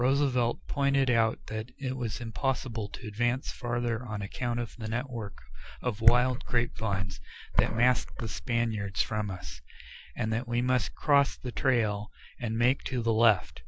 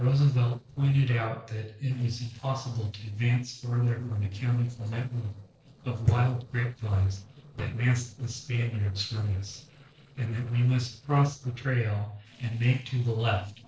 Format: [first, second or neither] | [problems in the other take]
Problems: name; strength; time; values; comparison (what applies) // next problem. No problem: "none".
first | noise reduction (neural separator model SepFormer DNS4)